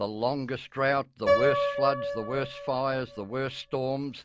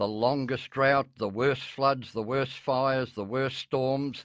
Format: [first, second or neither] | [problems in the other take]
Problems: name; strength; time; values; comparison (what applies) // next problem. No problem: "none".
second | background sound (Piano); 1 dB below the speech